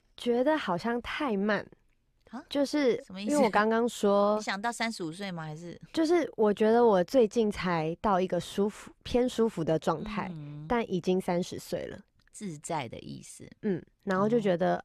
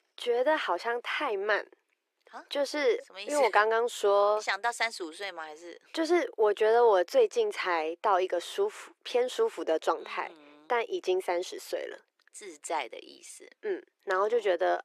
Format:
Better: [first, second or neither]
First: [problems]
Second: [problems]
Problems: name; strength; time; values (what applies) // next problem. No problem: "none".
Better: first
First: none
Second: thin; very; fading below 350 Hz